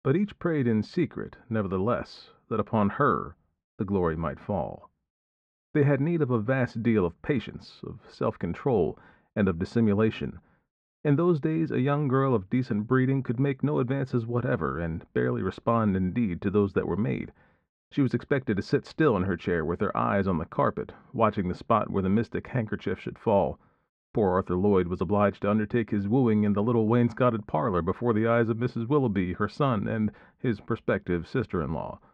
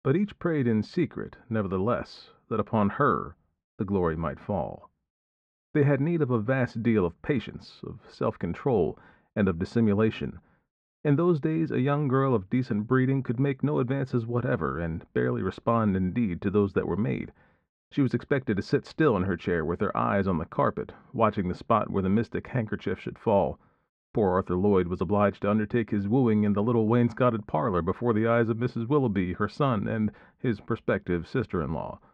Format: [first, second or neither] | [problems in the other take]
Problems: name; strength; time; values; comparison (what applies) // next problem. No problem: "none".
neither | muffled; very; fading above 1.5 kHz; the same in both